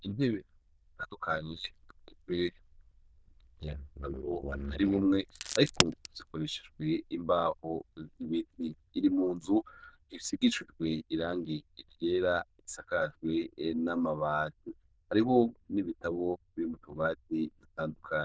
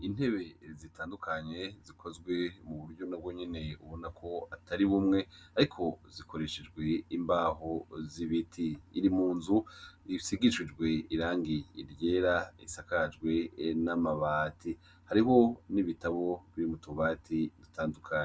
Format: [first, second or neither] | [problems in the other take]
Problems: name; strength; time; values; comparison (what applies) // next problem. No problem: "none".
second | noise reduction (neural diffusion model UNIVERSE++)